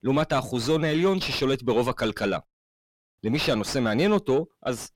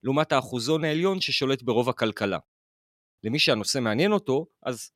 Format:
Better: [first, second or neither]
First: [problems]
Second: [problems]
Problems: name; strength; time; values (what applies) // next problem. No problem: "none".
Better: second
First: distortion; heavy; 5 dB below the speech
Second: none